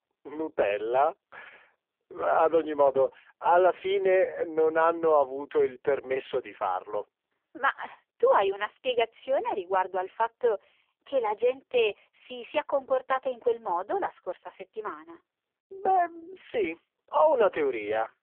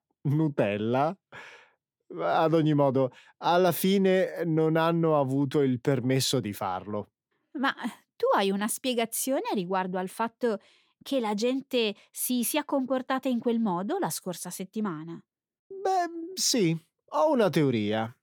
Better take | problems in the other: second | phone-call audio; poor line; nothing above 3.5 kHz

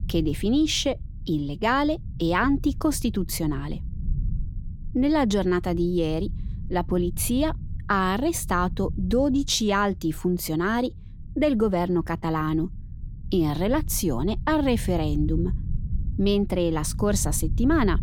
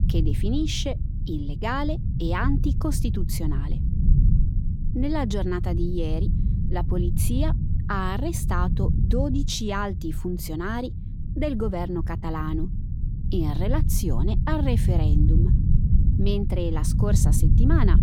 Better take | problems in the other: first | low rumble; loud; throughout; 8 dB below the speech; faint in the first

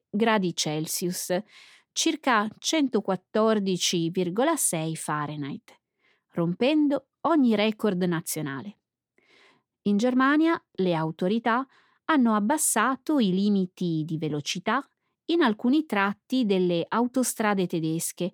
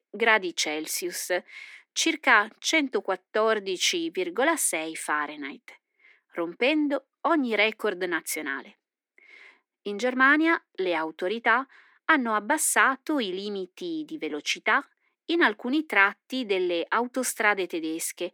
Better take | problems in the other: first | thin; somewhat; fading below 300 Hz

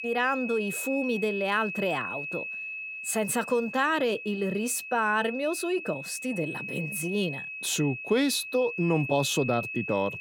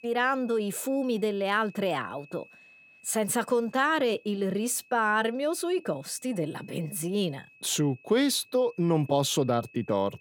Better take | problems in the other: second | high-pitched whine; loud; throughout; 2.5 kHz, 7 dB below the speech; faint in the second

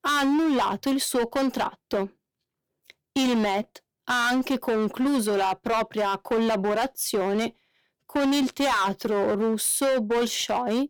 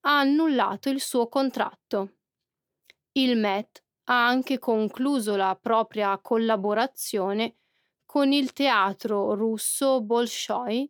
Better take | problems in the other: second | distortion; heavy; 18% of the sound clipped

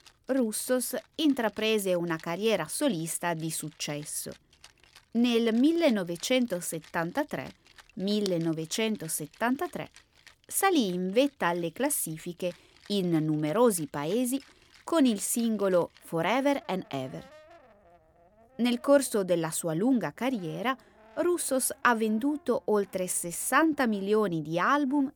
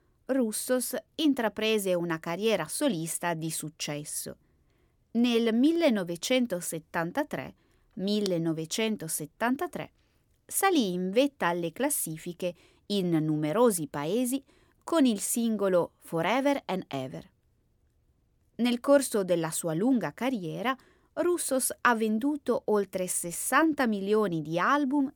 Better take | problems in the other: second | background music; faint; throughout; 25 dB below the speech

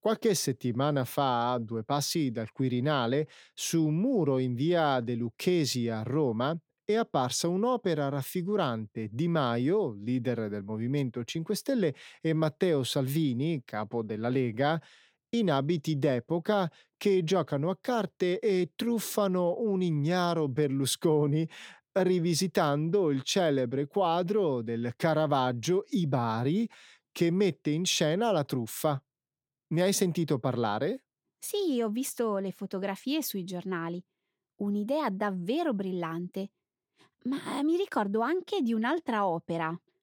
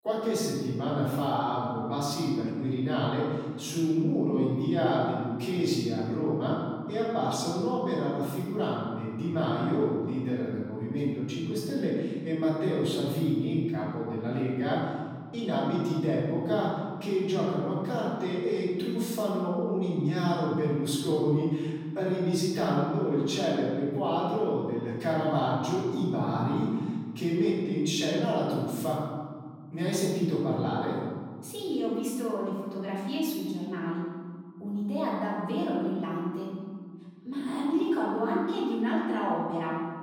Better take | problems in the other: first | room echo; strong; dies away in 1.8 s // off-mic speech; far

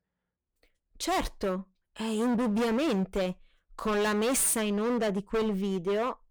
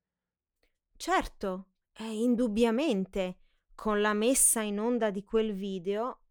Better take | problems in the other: second | distortion; heavy; 21% of the sound clipped

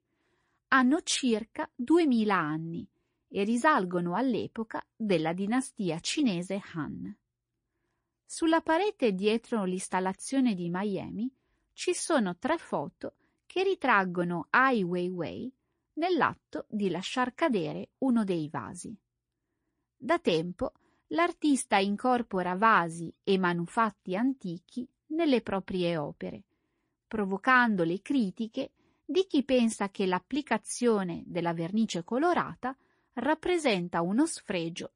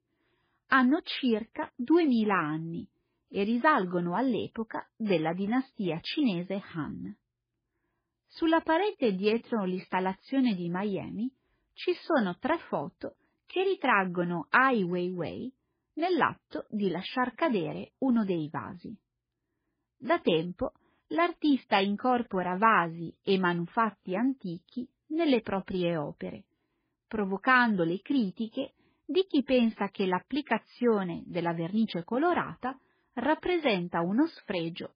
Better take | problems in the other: first | garbled, watery; badly; slightly in the first

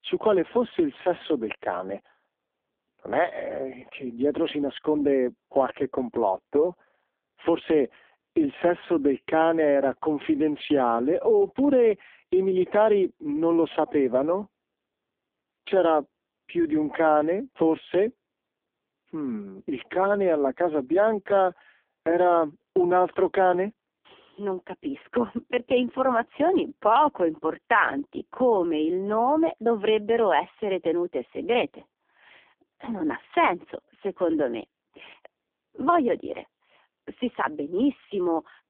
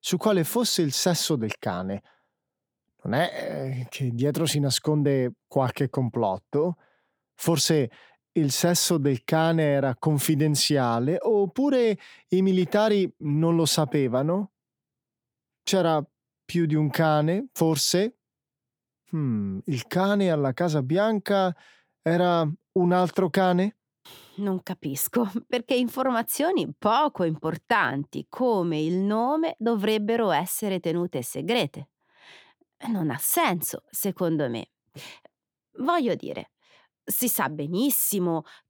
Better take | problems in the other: second | phone-call audio; poor line

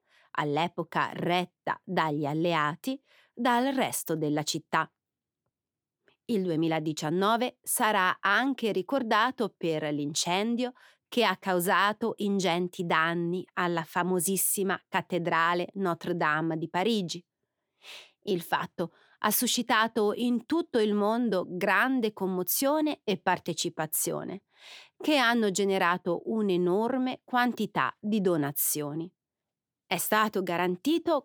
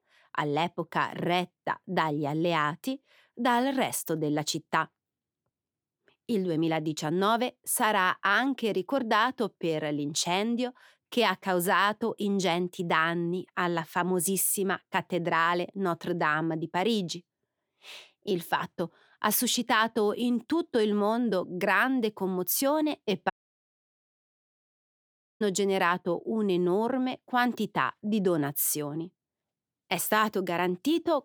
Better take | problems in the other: first | audio cutting out; at 23 s for 2 s

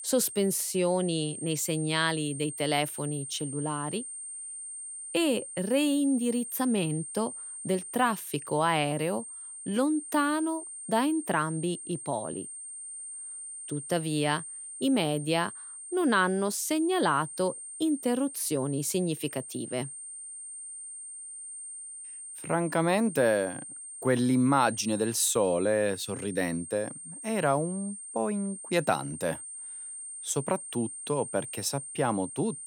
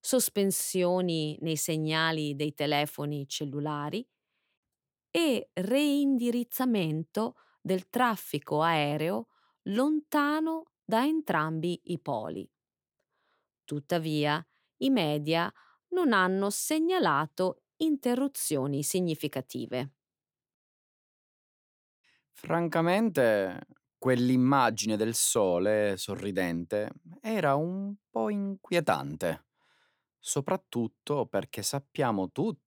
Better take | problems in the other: second | high-pitched whine; loud; throughout; 8.5 kHz, 10 dB below the speech

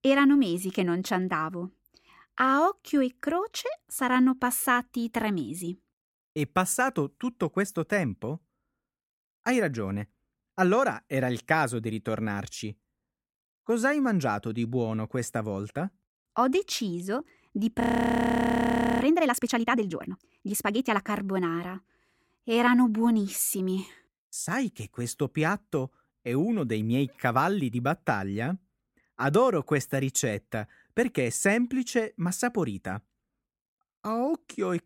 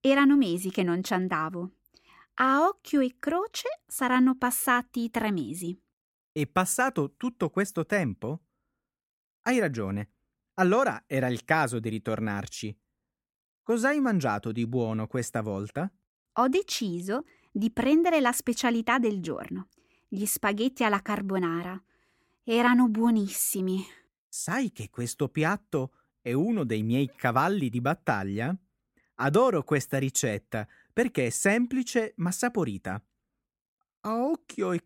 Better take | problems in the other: second | audio freezing; at 18 s for 1 s

